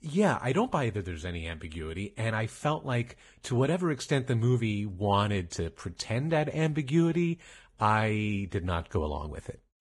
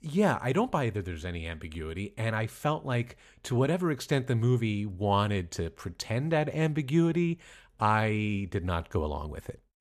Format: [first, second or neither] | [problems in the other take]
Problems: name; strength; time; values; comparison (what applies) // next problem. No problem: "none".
second | garbled, watery; badly; nothing above 10.5 kHz